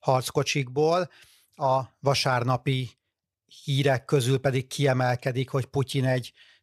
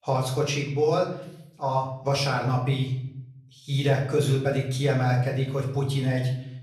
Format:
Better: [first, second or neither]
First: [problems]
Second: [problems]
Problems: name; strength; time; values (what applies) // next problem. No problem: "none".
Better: first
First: none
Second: room echo; slight; dies away in 0.7 s // off-mic speech; far